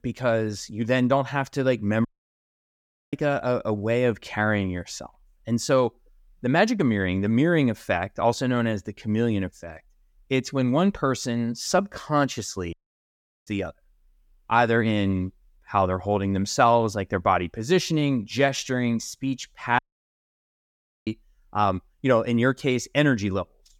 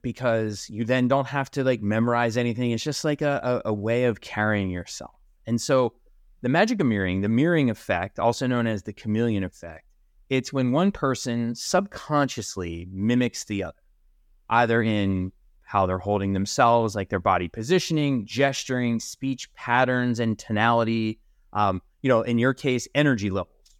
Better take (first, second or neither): second